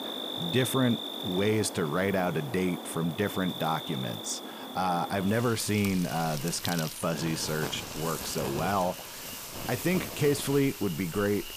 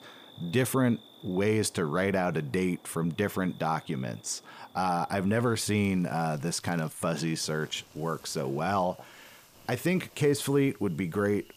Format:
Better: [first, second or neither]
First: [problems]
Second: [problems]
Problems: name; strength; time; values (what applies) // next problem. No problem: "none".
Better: second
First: animal sounds; loud; throughout; 7 dB below the speech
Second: animal sounds; faint; throughout; 25 dB below the speech